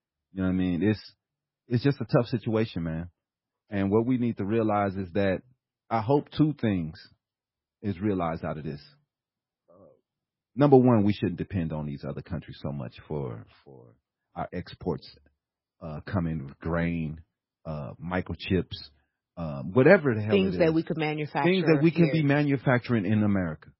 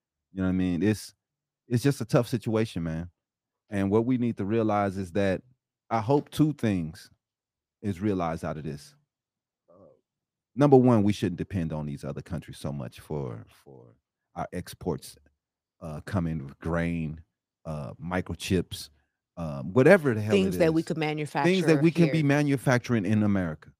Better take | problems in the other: second | garbled, watery; badly; nothing above 5.5 kHz

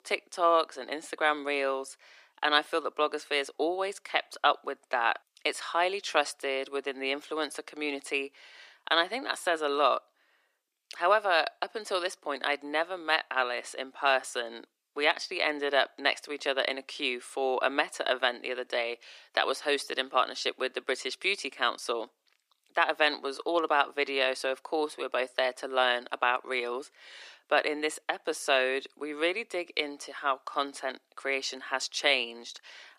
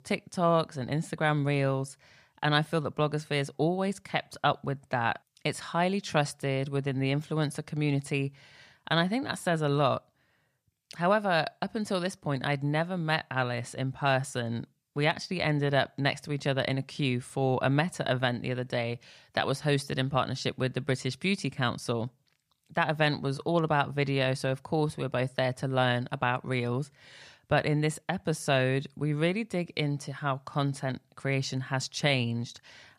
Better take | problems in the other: second | thin; very; fading below 300 Hz

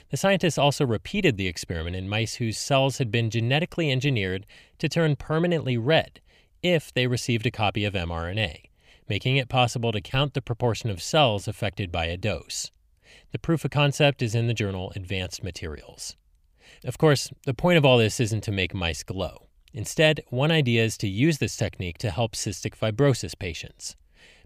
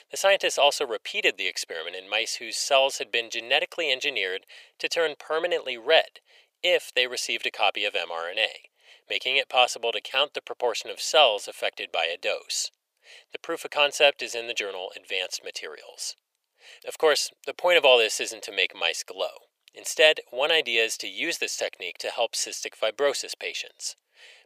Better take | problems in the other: first | thin; very; fading below 500 Hz

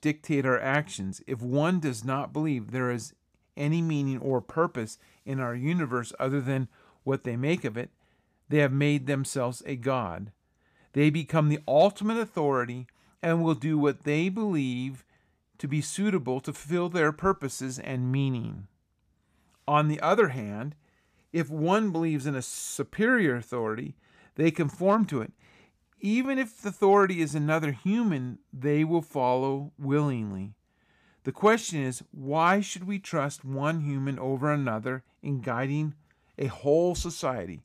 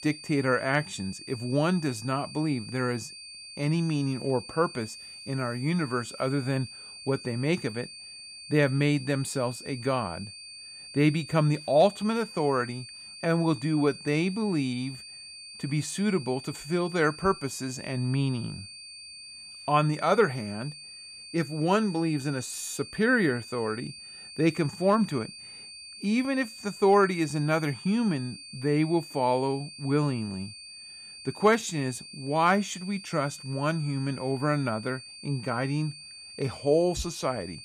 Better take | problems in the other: first | high-pitched whine; noticeable; throughout; 4.5 kHz, 15 dB below the speech

